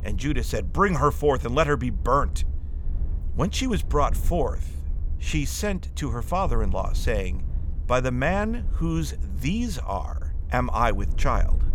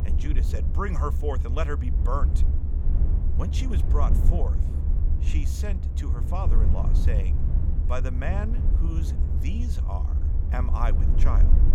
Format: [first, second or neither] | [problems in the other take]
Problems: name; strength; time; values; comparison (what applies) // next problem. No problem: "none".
first | low rumble; loud; throughout; 6 dB below the speech; faint in the first